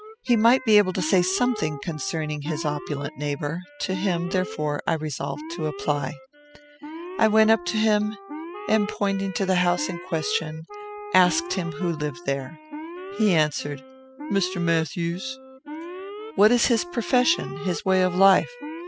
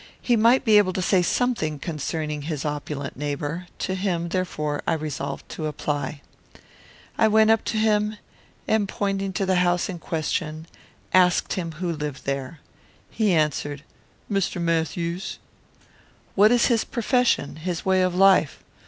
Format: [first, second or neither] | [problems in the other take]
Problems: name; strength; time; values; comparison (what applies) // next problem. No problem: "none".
second | noise reduction (classical method spectral subtraction)